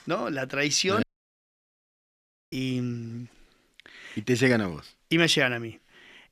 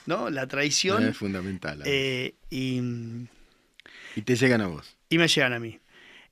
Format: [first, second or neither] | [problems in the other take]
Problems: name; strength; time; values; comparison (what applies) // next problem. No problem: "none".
second | audio cutting out; at 1 s for 1.5 s